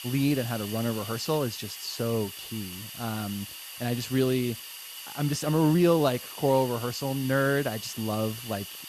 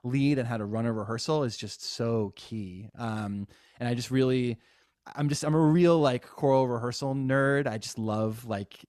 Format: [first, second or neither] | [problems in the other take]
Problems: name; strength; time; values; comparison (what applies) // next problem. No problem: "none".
second | hiss; noticeable; throughout; 10 dB below the speech